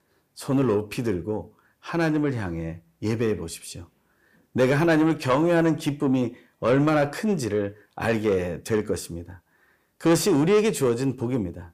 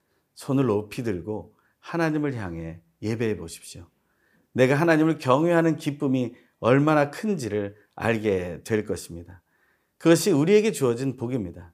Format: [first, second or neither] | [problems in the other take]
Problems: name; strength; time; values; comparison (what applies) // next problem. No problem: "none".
second | distortion; slight; 10 dB below the speech